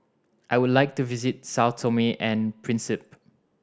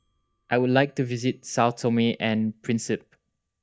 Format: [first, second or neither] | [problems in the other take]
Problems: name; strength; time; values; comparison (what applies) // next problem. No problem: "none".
first | noise reduction (neural mask model DeepFilterNet 3)